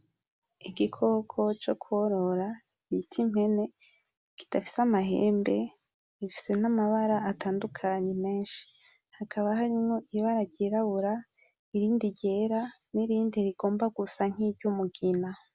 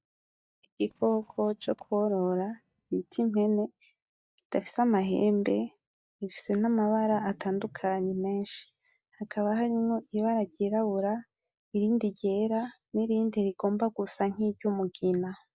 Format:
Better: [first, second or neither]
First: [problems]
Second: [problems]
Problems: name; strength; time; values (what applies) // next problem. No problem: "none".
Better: first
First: none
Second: noise reduction (neural mask model DeepFilterNet 3)